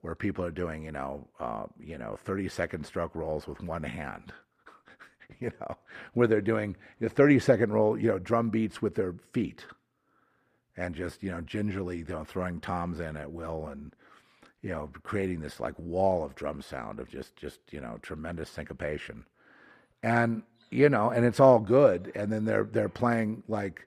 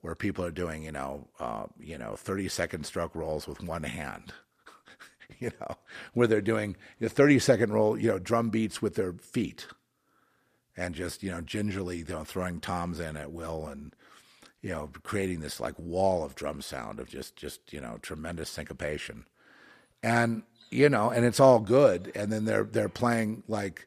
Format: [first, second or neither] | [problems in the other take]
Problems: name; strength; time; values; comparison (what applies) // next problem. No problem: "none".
second | muffled; slightly; fading above 3 kHz